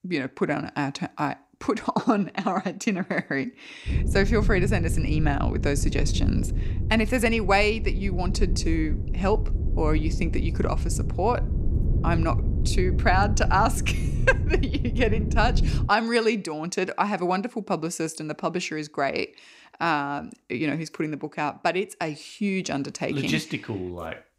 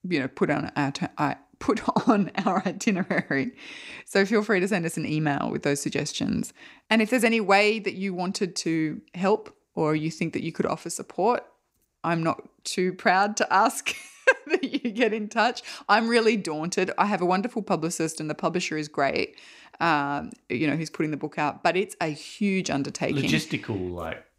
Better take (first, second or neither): second